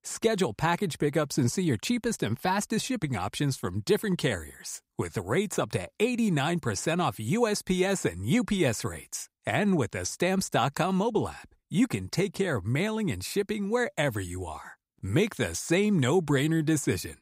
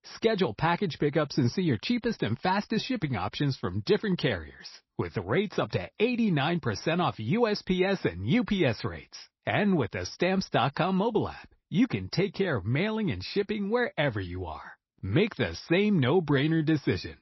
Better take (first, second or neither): first